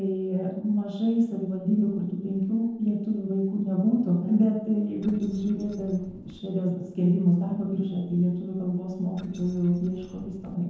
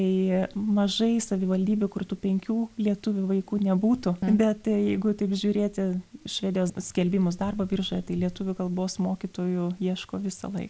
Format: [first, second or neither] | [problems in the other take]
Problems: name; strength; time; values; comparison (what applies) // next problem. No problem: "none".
second | noise reduction (neural separator model SepFormer DNS4)